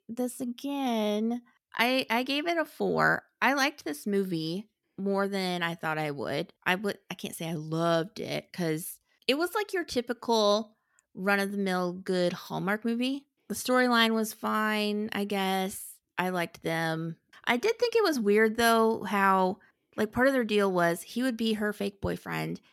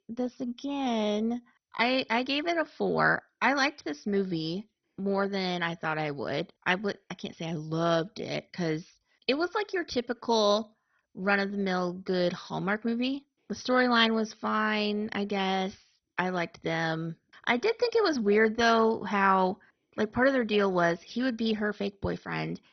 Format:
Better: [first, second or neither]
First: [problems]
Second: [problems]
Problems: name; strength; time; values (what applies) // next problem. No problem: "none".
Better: first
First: none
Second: garbled, watery; badly; nothing above 6 kHz